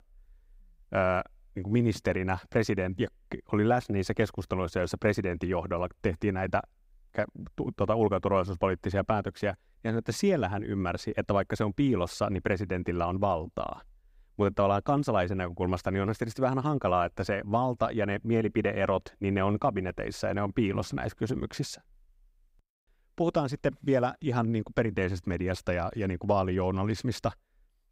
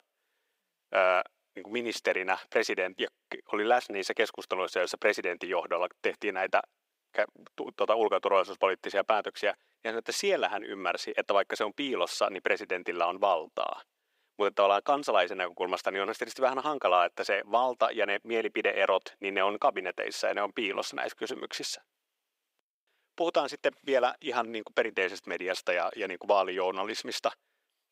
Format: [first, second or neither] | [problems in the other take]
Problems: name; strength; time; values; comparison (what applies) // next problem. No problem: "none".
first | thin; very; fading below 450 Hz